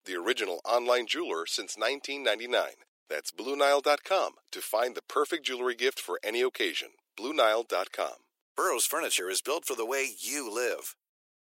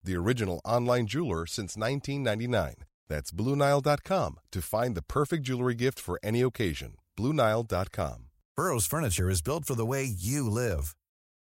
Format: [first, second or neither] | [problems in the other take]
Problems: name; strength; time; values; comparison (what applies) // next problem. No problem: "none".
second | thin; very; fading below 350 Hz